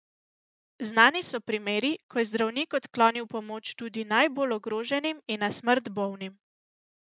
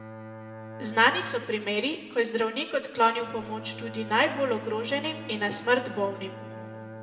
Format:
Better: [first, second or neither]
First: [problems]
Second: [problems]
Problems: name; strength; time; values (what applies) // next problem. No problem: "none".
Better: first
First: none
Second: background sound (Bowed string instrument); 13 dB below the speech // room echo; dies away in 1.7 s